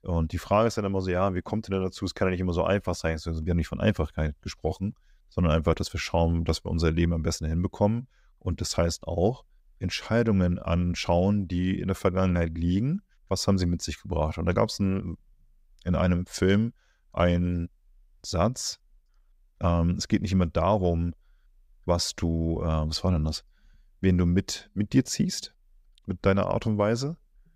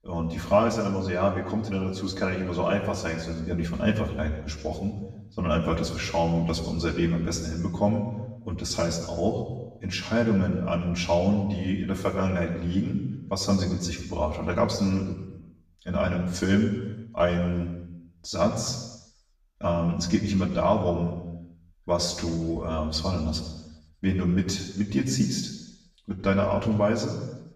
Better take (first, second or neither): first